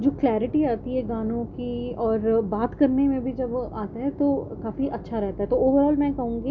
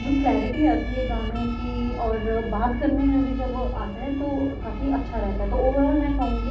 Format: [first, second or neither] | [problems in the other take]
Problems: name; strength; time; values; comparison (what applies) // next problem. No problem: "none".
first | background sound (Siren); 19 dB below the speech // room echo; dies away in 0.4 s